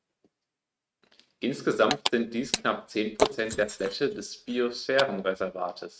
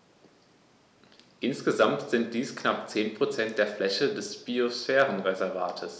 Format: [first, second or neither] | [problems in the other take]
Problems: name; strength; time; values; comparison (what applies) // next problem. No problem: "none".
second | noise reduction (neural mask model RNNoise)